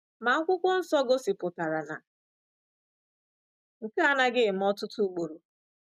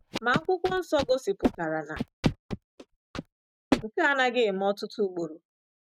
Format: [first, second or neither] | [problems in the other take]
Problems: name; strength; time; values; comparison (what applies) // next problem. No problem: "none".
first | noise reduction (neural mask model RNNoise)